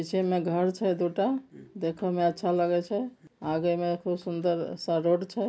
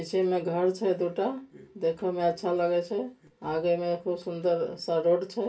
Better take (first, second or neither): first